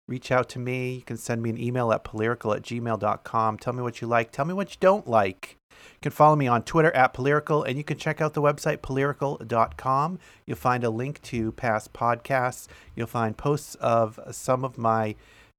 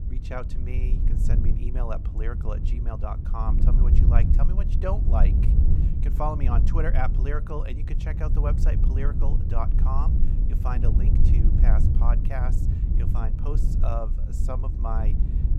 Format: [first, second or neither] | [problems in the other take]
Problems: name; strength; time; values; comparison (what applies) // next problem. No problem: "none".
first | low rumble; loud; throughout; 5 dB below the speech